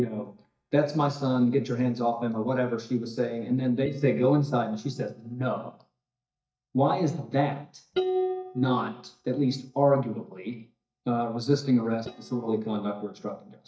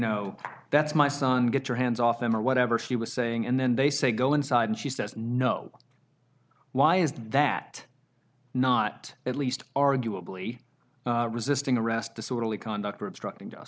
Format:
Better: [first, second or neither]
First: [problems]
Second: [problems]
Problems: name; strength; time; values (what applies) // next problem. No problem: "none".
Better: second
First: noise reduction (neural mask model DeepFilterNet 3)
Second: none